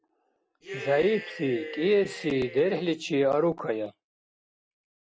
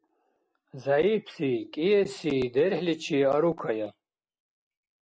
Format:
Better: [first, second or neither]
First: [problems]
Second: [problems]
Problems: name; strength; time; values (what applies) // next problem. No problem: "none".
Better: second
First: background sound (Cheering); 12 dB below the speech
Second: none